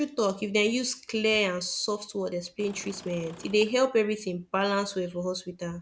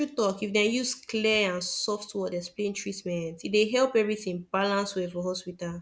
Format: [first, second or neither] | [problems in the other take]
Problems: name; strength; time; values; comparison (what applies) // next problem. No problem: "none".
second | background sound (Engine / Car); 19 dB below the speech